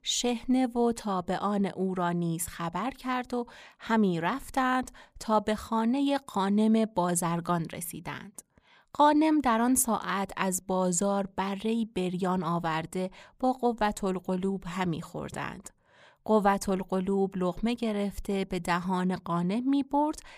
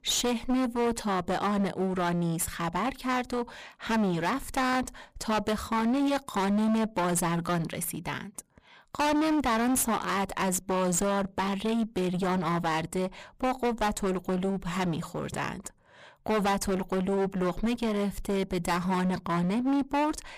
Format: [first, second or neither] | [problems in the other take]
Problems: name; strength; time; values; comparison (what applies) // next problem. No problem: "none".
first | distortion; heavy; 22% of the sound clipped